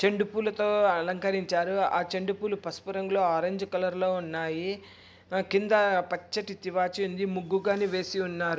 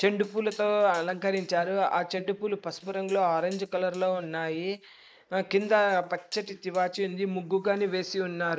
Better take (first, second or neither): first